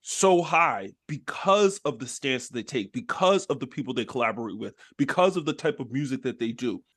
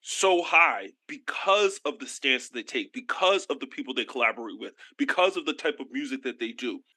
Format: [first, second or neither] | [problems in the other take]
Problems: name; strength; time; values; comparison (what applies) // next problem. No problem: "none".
first | thin; very slightly; fading below 250 Hz